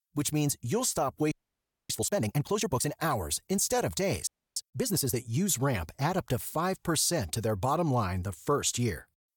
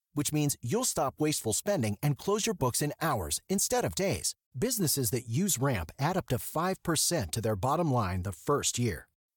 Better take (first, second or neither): second